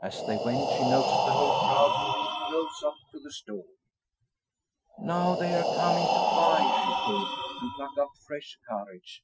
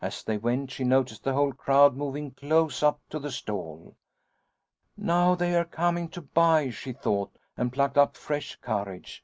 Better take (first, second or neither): second